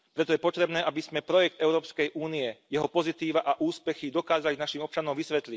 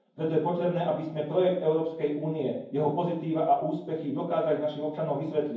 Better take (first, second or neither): first